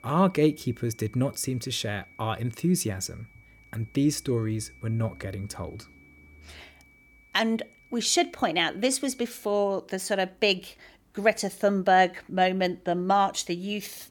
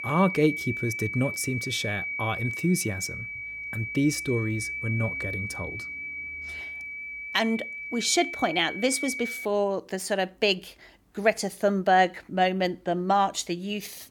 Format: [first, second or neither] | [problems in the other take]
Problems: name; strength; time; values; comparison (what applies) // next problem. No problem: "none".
first | high-pitched whine; loud; until 9.5 s; 2.5 kHz, 6 dB below the speech; faint in the first